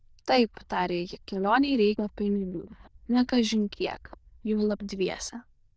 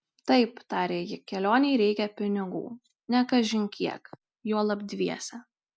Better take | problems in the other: second | noise reduction (neural diffusion model UNIVERSE++)

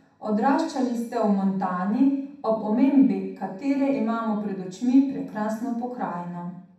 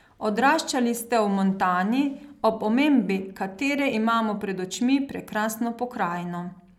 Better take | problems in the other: second | room echo; dies away in 0.7 s

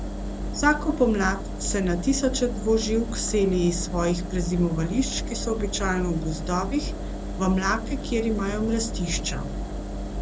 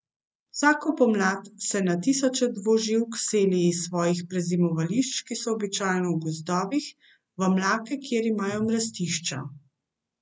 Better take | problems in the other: second | background sound (Engine); 5 dB below the speech

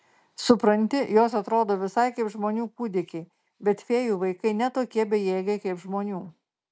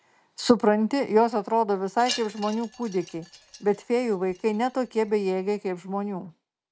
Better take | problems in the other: first | background sound (Wind chime); 16 dB below the speech

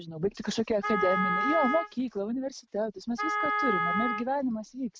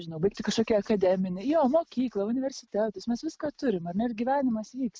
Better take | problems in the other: second | background sound (Wind instrument, woodwind instrument); 1 dB below the speech

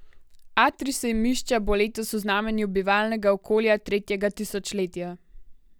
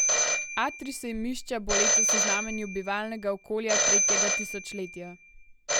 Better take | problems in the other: first | background sound (Telephone); 5 dB above the speech

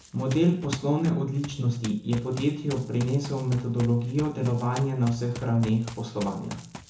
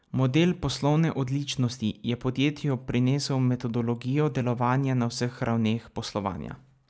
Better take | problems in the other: second | background sound (Run); 16 dB below the speech // room echo; dies away in 0.7 s

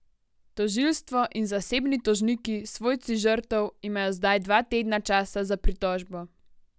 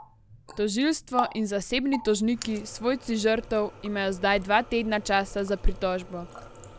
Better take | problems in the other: first | background sound (Water tap, faucet); 15 dB below the speech

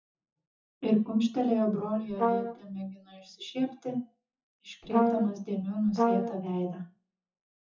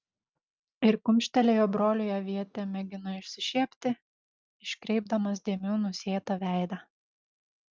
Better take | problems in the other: second | noise reduction (classical method WPE with log-MMSE)

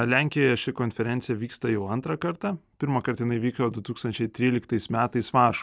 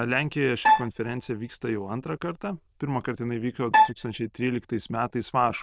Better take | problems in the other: first | noise reduction (neural diffusion model UNIVERSE++)

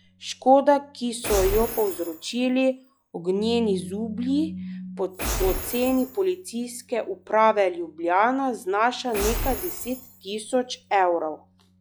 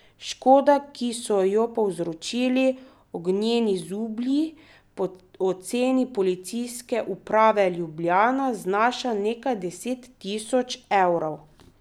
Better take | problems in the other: second | noise reduction (classical method log-MMSE)

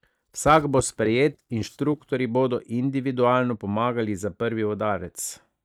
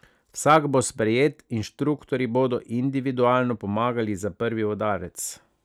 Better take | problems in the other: second | noise reduction (neural mask model DeepFilterNet 3)

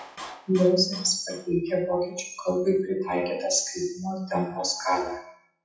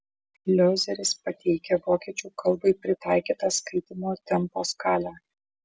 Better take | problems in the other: second | noise reduction (classical method WPE with log-MMSE)

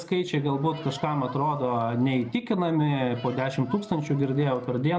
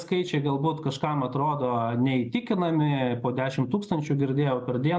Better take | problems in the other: second | background sound (Crowd); 19 dB below the speech

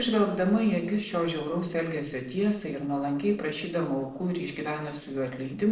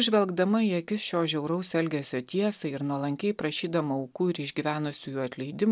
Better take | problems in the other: second | noise reduction (neural separator model SepFormer DNS4)

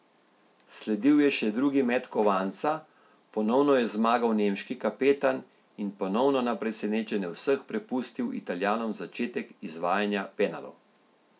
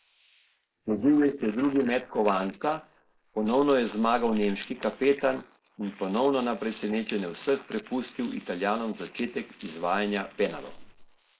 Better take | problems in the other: first | noise reduction (neural mask model Resemble Enhance denoiser)

